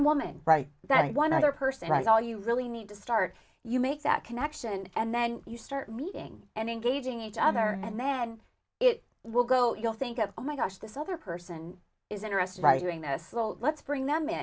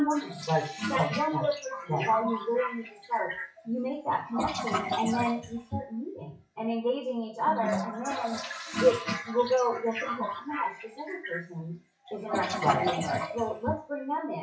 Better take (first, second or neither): first